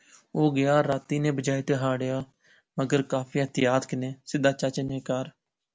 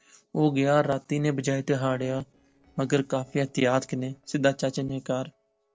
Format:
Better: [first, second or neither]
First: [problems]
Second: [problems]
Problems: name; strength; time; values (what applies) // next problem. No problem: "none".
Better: first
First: none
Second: noise reduction (neural separator model SepFormer DNS4)